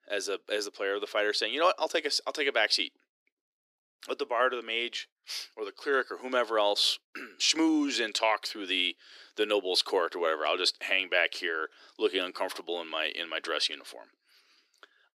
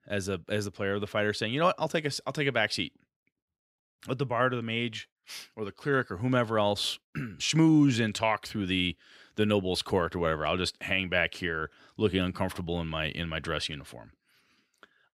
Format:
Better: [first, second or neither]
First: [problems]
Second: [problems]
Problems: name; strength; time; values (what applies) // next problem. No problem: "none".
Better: second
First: thin; somewhat; fading below 300 Hz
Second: none